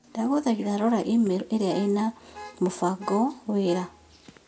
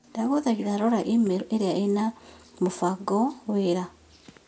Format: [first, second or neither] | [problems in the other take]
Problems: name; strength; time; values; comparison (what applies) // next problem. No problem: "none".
second | background sound (Alarm / Car); 19 dB below the speech